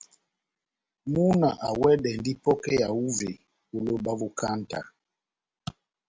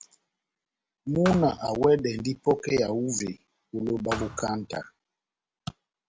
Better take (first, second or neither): first